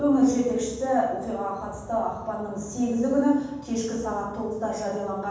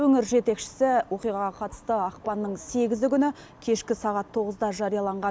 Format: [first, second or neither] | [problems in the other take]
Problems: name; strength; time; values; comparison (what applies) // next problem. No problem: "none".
second | room echo; dies away in 1.2 s